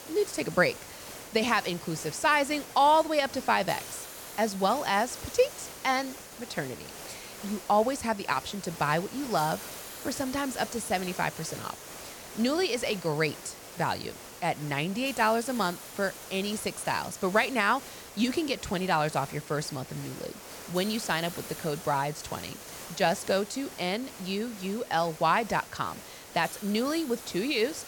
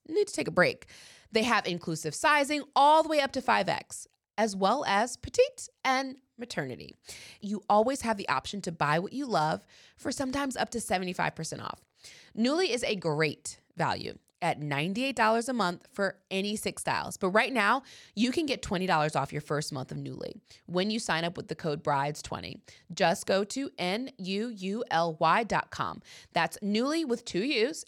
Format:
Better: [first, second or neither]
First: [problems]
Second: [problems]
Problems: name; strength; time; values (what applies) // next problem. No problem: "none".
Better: second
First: hiss; noticeable; throughout; 15 dB below the speech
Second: none